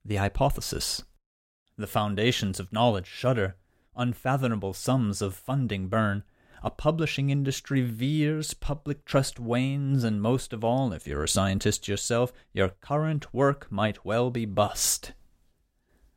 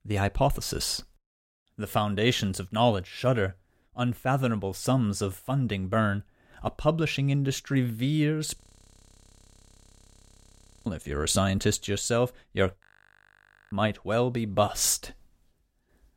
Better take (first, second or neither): first